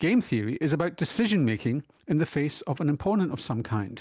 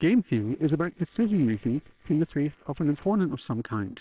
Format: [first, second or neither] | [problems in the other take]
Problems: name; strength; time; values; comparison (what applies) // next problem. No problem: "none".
first | noise reduction (neural separator model SepFormer WHAMR!)